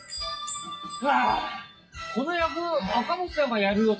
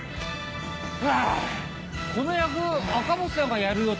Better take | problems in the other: second | noise reduction (classical method WPE with log-MMSE)

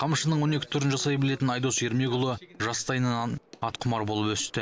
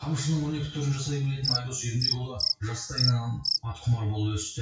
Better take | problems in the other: first | noise reduction (classical method WPE with log-MMSE)

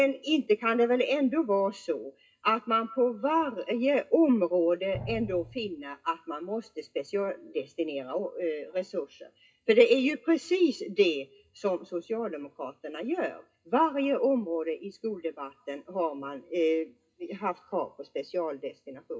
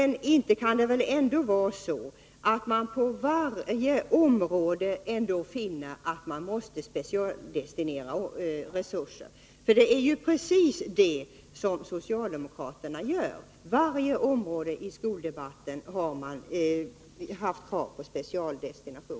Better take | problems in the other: second | noise reduction (classical method WPE with log-MMSE)

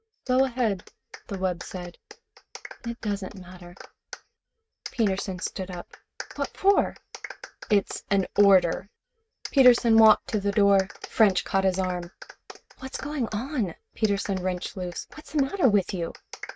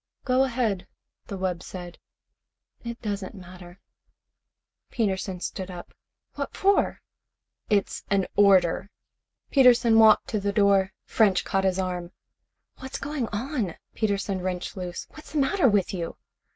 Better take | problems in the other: second | noise reduction (neural mask model RNNoise)

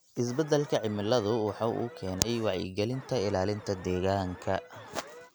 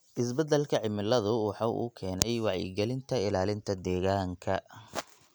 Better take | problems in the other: second | background sound (Alarm); 18 dB below the speech

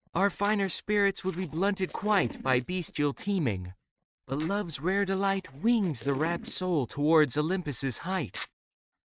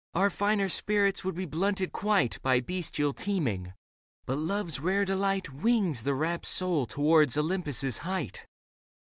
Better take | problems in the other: second | noise reduction (neural mask model RNNoise)

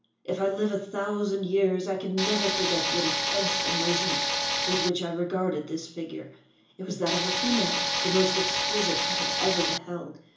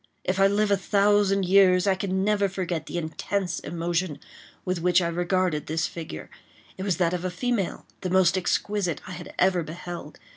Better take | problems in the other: second | background sound (Tools); 2 dB above the speech // room echo; dies away in 0.7 s

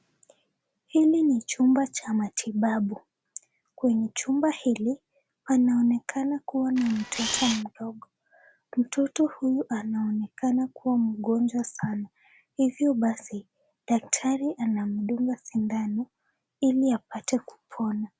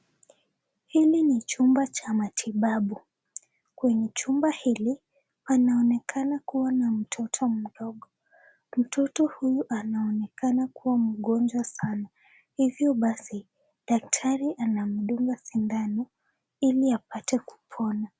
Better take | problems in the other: second | background sound (Camera); 5 dB below the speech

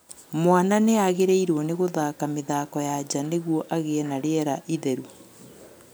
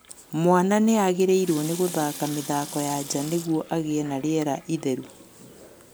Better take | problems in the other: first | background sound (Sink (filling or washing) / Water tap, faucet); 17 dB below the speech

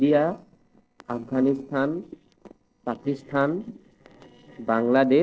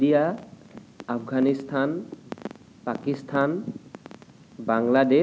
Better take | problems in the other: second | noise reduction (neural separator model SepFormer DNS4)

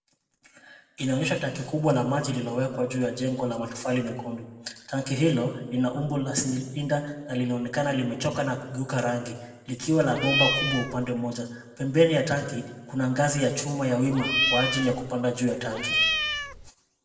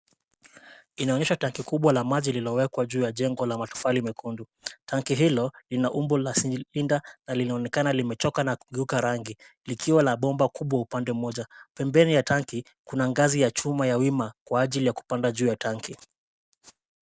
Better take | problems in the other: second | background sound (Cat); as loud as the speech // room echo; dies away in 1 s

